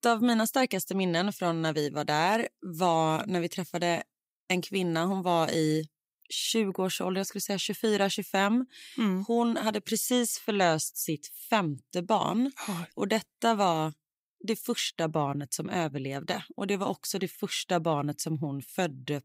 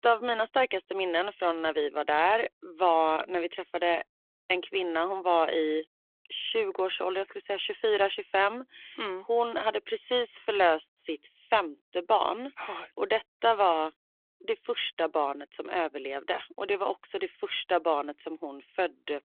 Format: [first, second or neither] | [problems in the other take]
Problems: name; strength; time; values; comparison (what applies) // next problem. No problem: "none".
first | phone-call audio; nothing above 3.5 kHz